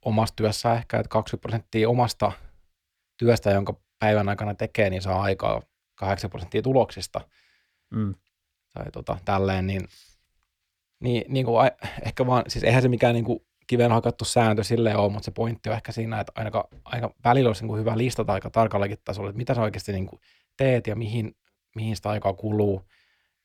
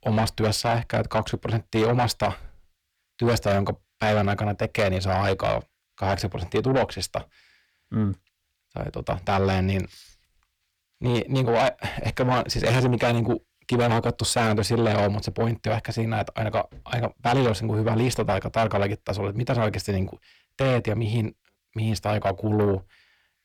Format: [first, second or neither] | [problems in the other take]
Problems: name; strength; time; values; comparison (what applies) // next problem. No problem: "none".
first | distortion; heavy; 7 dB below the speech